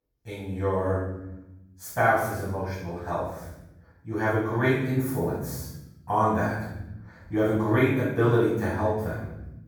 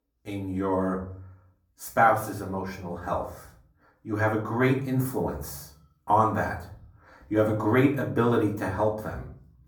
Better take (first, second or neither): second